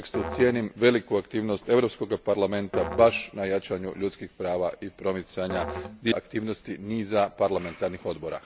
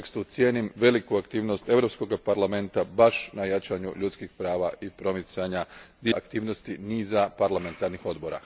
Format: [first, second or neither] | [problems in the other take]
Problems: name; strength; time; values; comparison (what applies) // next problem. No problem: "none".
second | background sound (Musical instrument); 13 dB below the speech